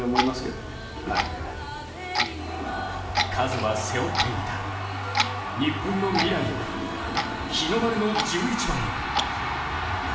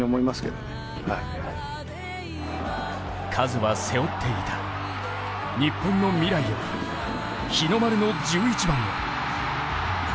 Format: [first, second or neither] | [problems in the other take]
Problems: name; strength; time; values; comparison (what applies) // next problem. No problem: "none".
second | background sound (Clock); 5 dB below the speech // room echo; dies away in 0.8 s